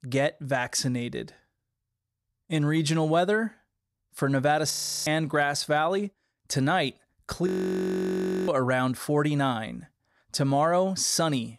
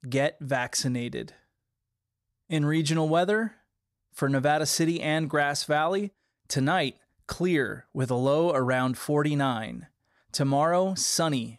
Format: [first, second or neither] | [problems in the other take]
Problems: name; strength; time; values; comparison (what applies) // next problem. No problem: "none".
second | audio freezing; at 4.5 s and at 7.5 s for 1 s